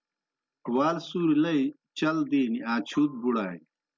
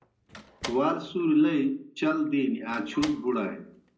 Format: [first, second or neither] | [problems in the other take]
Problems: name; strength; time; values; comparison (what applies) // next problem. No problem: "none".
first | background sound (Slam); 17 dB below the speech // room echo; dies away in 0.5 s